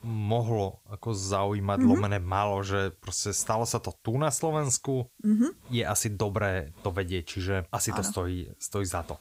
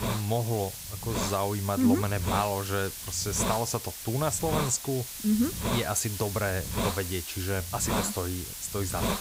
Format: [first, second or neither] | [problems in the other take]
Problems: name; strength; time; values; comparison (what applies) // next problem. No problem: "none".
first | hiss; loud; throughout; 4 dB below the speech; faint in the first